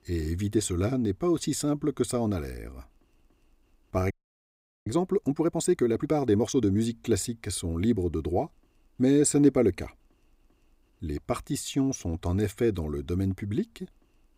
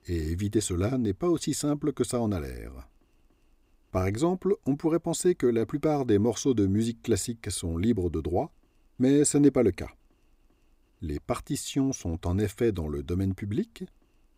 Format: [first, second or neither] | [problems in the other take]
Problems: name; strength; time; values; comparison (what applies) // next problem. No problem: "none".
second | audio freezing; at 4 s for 1 s